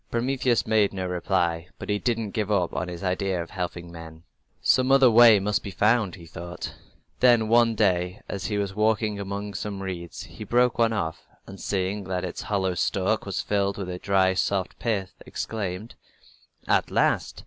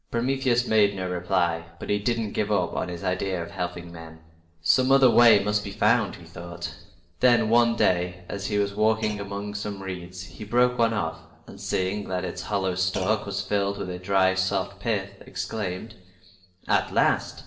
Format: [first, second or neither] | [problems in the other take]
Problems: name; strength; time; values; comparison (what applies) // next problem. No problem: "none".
first | noise reduction (neural separator model SepFormer DNS4)